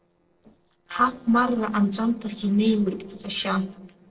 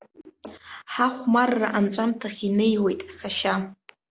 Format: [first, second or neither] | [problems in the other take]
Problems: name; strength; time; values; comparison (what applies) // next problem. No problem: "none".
second | noise reduction (neural separator model SepFormer DNS4)